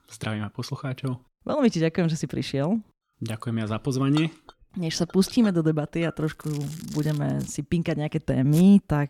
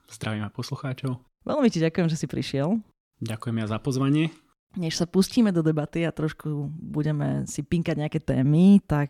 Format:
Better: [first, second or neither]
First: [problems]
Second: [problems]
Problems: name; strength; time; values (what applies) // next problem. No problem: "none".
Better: second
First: household noises; noticeable; from 3.5 s on; 20 dB below the speech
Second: none